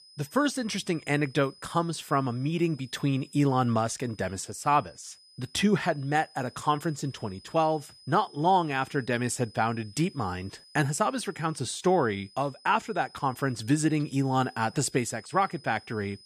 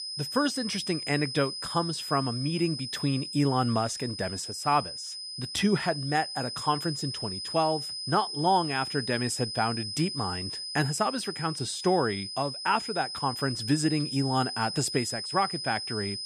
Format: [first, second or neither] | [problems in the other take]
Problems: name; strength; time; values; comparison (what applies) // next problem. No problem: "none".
first | high-pitched whine; loud; throughout; 5 kHz, 5 dB below the speech; faint in the first